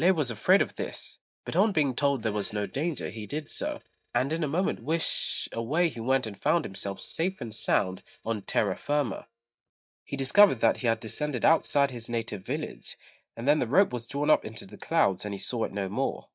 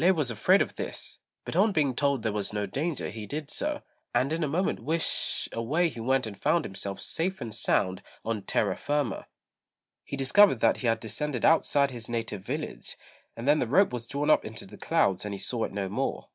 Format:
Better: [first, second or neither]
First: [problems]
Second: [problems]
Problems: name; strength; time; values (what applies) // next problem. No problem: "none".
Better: second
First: noise reduction (neural mask model DeepFilterNet 3)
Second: none